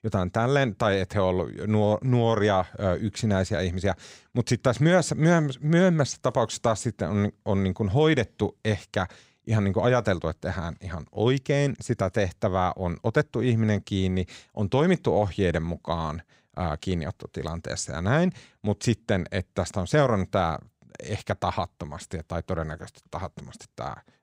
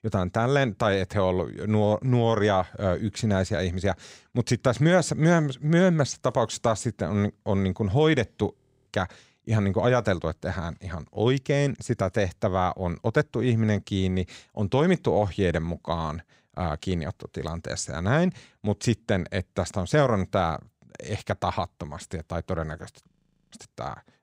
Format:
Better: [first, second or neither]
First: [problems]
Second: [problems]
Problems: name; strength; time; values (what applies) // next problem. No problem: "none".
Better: first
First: none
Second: audio freezing; at 8.5 s and at 23 s